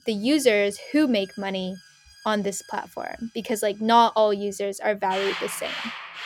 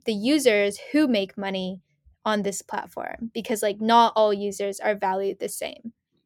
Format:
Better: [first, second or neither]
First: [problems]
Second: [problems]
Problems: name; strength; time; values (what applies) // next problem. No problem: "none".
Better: second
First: alarms or sirens; loud; throughout; 9 dB below the speech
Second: none